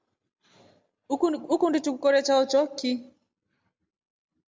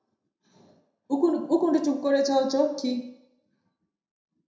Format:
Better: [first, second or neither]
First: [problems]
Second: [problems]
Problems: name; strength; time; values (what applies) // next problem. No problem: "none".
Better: first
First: none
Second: room echo; dies away in 0.6 s